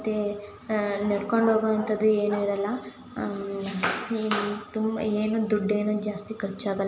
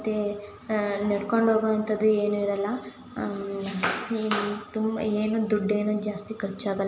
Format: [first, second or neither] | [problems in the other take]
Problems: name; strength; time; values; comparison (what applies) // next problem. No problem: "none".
second | background sound (Bark); 18 dB below the speech